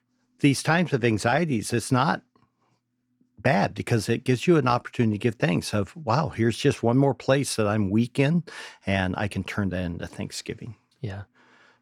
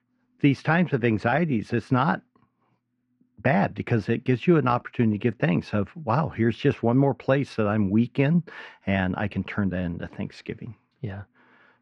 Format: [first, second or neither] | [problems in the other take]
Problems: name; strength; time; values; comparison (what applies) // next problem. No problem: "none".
first | muffled; slightly; fading above 2.5 kHz